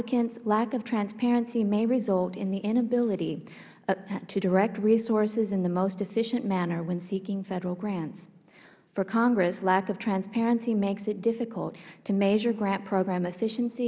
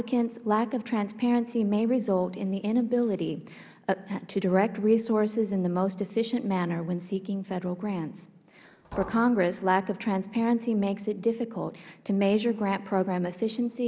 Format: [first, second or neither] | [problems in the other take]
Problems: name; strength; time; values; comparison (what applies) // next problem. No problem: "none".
first | background sound (Liquid); 19 dB below the speech